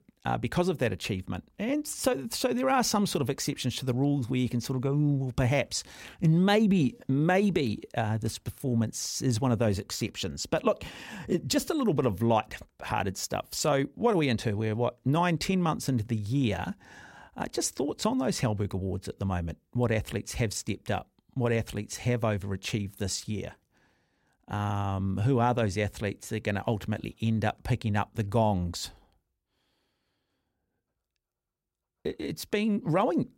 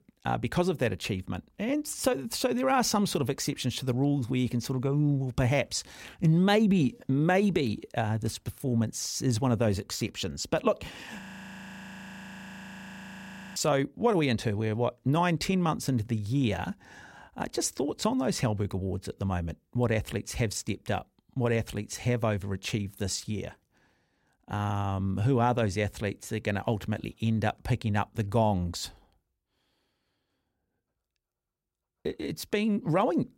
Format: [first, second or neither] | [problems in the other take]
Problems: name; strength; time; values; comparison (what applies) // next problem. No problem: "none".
first | audio freezing; at 11 s for 2.5 s